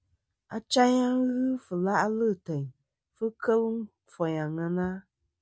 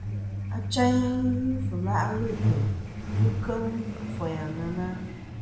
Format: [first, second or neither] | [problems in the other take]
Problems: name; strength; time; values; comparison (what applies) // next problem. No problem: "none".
first | background sound (Truck); 1 dB above the speech // room echo; dies away in 1 s